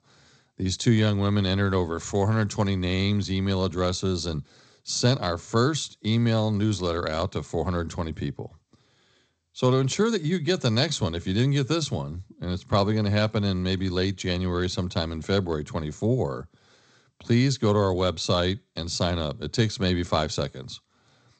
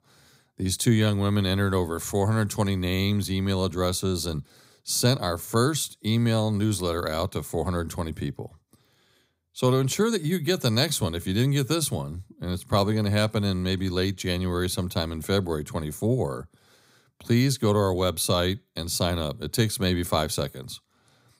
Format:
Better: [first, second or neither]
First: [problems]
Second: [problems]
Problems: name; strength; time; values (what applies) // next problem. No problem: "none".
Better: second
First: garbled, watery; slightly; nothing above 8 kHz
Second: none